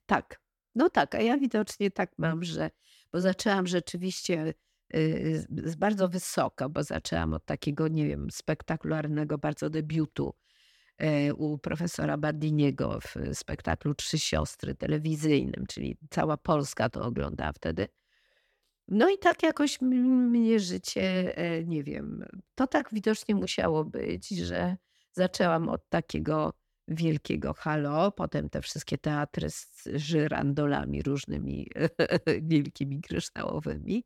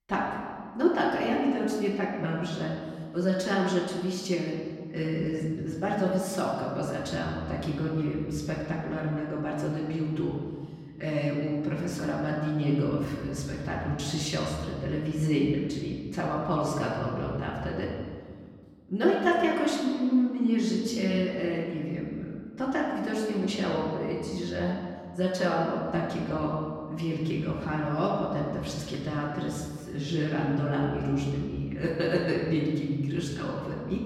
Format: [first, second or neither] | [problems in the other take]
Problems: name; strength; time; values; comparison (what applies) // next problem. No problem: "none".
first | off-mic speech; far // room echo; noticeable; dies away in 1.7 s